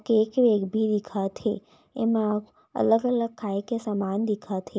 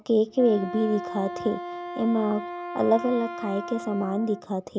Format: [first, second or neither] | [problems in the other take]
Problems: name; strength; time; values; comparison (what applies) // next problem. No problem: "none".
first | background sound (Wind instrument, woodwind instrument); 10 dB below the speech